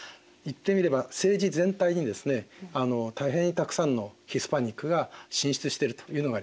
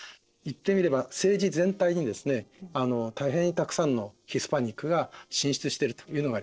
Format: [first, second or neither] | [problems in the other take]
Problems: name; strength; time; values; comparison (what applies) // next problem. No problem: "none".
first | noise reduction (neural separator model SepFormer DNS4)